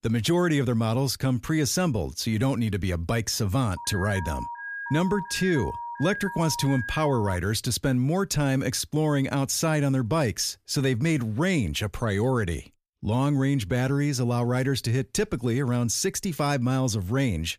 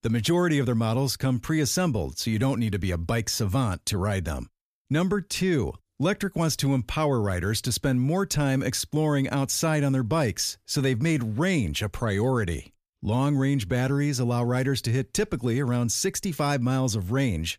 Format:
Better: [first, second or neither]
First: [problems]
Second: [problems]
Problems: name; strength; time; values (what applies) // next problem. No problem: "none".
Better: second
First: alarm; noticeable; from 4 to 7.5 s; peak 8 dB below the speech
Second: none